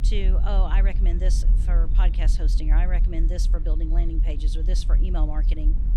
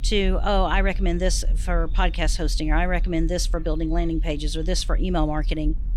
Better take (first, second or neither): second